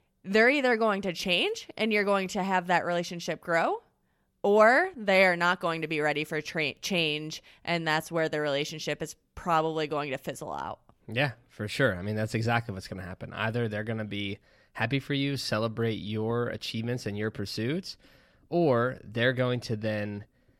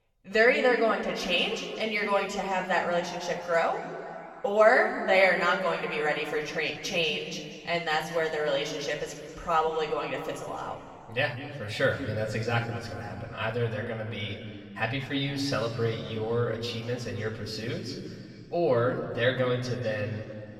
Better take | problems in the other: first | room echo; noticeable; dies away in 2.3 s // off-mic speech; far

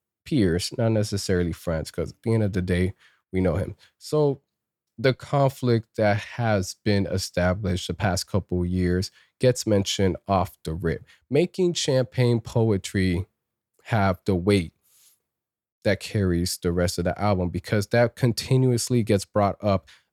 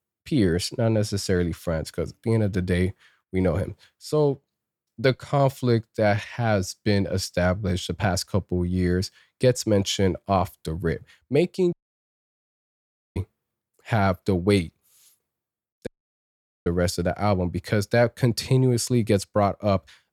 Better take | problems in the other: first | audio cutting out; at 12 s for 1.5 s and at 16 s for 1 s

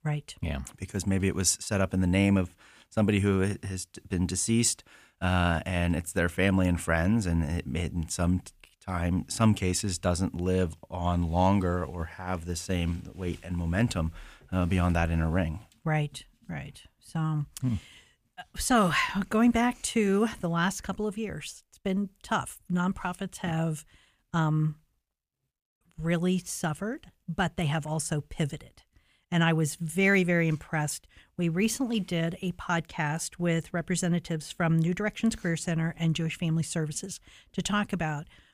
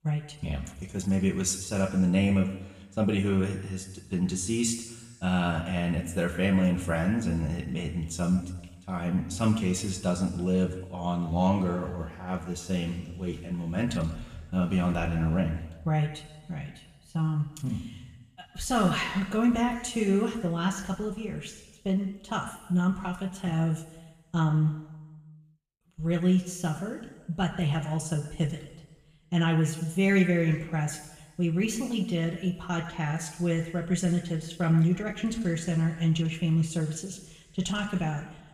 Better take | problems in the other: first | room echo; noticeable; dies away in 1.1 s // off-mic speech; somewhat distant

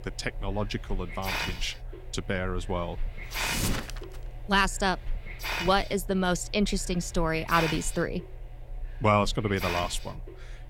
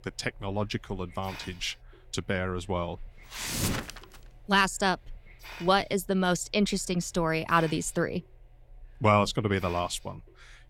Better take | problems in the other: second | hiss; loud; throughout; 8 dB below the speech; faint in the second

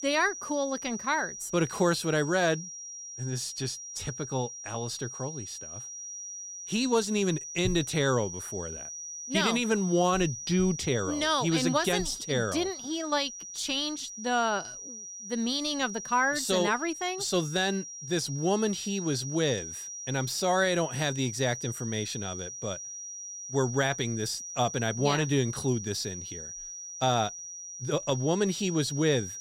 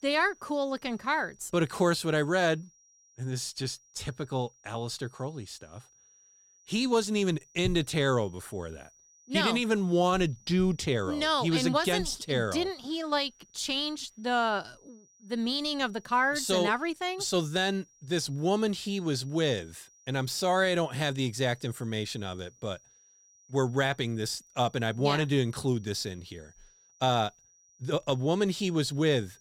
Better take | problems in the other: second | high-pitched whine; loud; throughout; 6 kHz, 9 dB below the speech; faint in the second

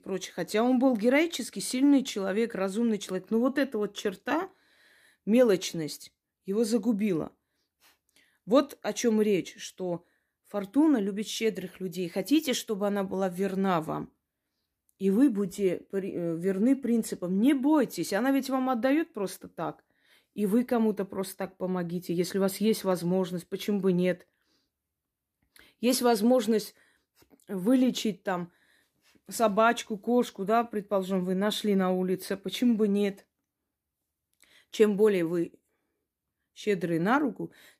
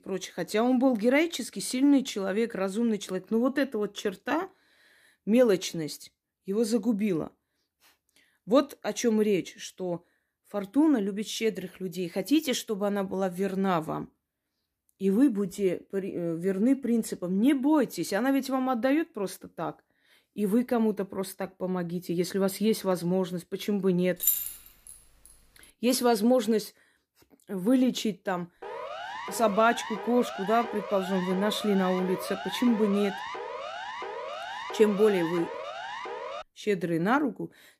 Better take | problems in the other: first | jangling keys; loud; at 24 s; peak 2 dB above the speech // siren; noticeable; from 29 to 36 s; peak 9 dB below the speech

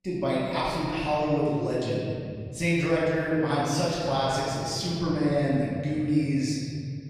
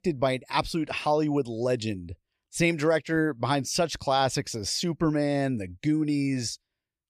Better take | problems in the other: second | room echo; strong; dies away in 2.6 s // off-mic speech; far

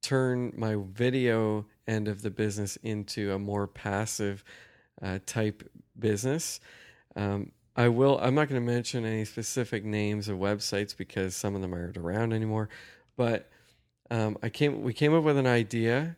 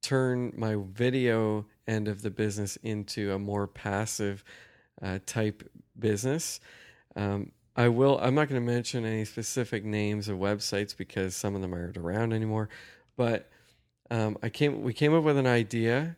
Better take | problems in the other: neither | none

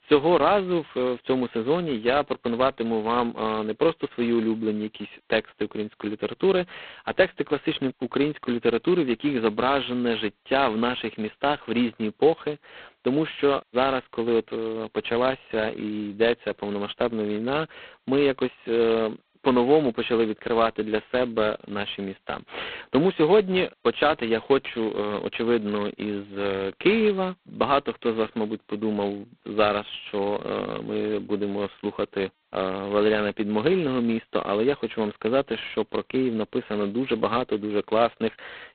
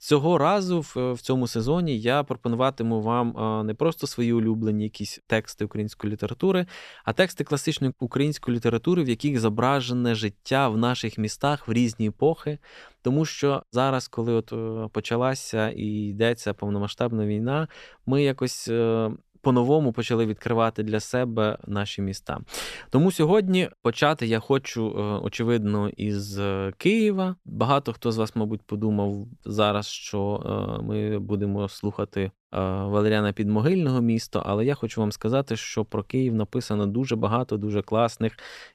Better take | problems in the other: second | phone-call audio; poor line; nothing above 4 kHz

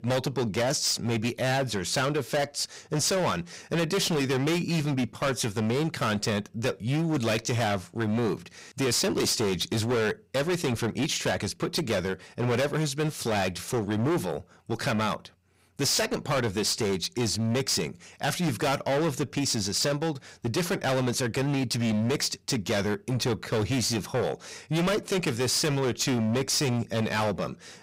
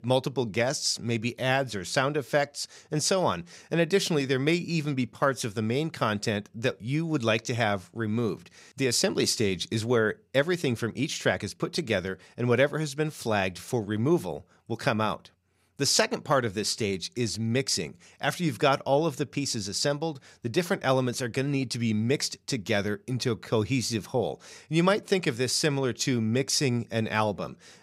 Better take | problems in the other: second | distortion; heavy; 22% of the sound clipped

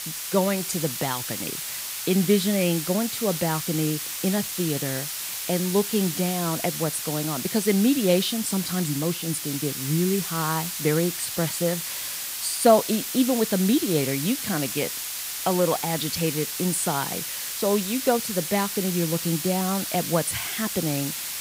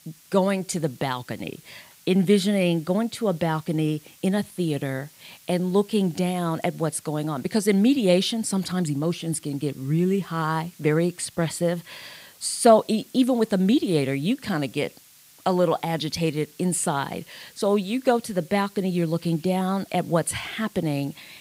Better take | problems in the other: second | hiss; loud; throughout; 3 dB below the speech; faint in the second

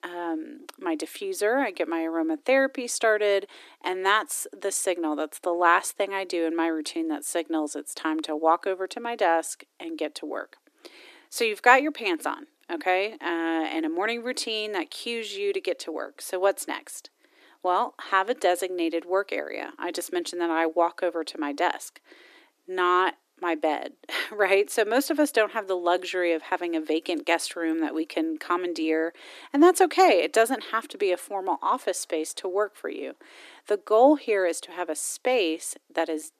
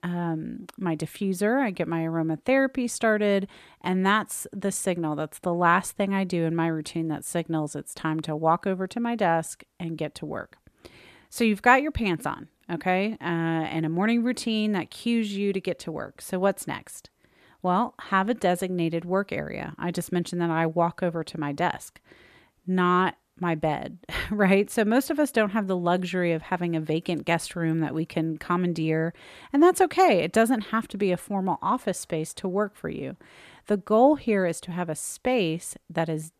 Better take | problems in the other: second | thin; somewhat; fading below 300 Hz

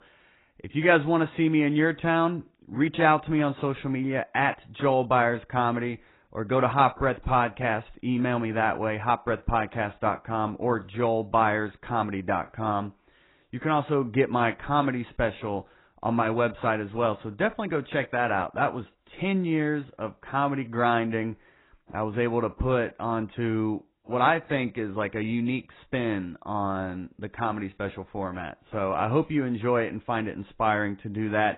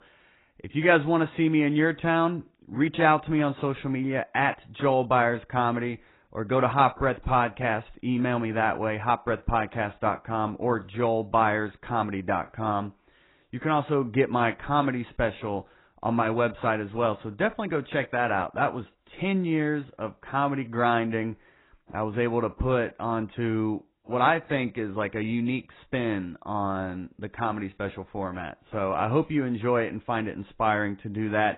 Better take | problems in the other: neither | garbled, watery; badly; nothing above 4 kHz; the same in both

